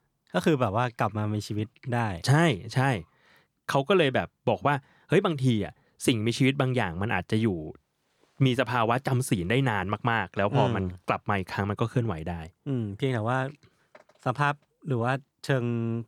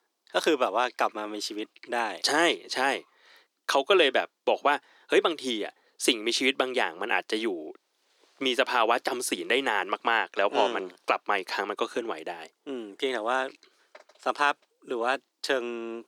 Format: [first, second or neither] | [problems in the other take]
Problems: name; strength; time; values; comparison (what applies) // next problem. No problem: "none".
first | thin; very; fading below 300 Hz